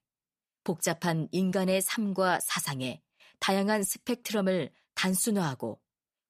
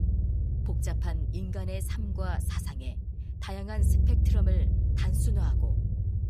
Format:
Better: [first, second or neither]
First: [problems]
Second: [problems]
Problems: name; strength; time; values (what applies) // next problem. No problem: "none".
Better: first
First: none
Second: low rumble; loud; throughout; 2 dB below the speech